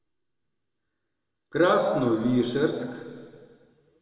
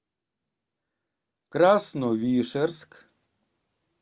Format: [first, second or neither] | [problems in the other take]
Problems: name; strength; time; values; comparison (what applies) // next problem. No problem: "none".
second | room echo; dies away in 1.9 s